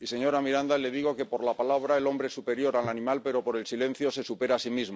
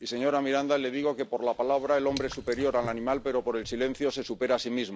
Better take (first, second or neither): first